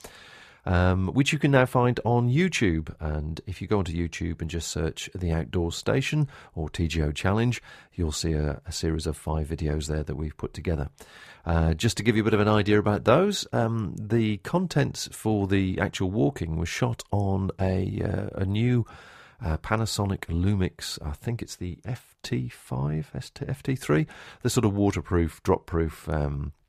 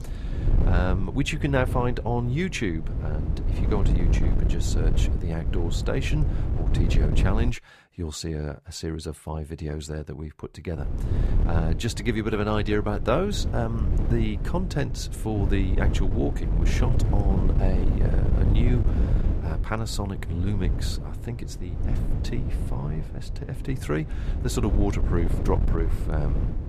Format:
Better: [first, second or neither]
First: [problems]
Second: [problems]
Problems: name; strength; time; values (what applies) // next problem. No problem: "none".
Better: first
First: none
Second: wind noise on the microphone; heavy; until 7.5 s and from 11 s on; 7 dB below the speech